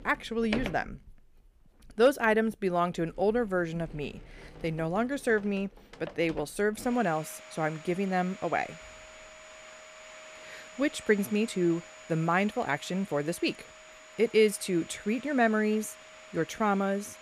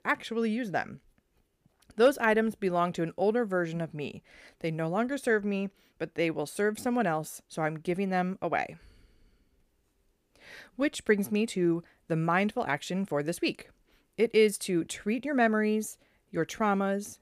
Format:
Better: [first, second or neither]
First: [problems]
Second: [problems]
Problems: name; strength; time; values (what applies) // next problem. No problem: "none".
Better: second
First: household noises; noticeable; throughout; 15 dB below the speech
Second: none